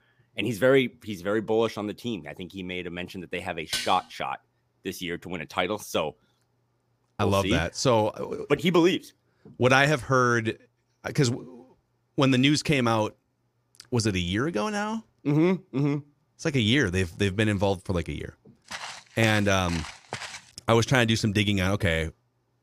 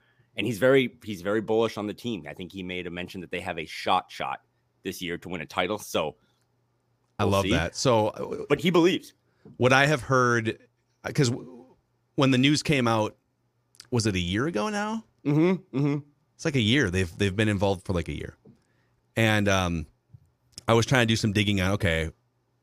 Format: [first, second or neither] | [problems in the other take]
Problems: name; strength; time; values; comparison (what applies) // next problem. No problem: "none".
second | clattering dishes; noticeable; at 3.5 s; peak 5 dB below the speech // footsteps; faint; from 19 to 20 s; peak 10 dB below the speech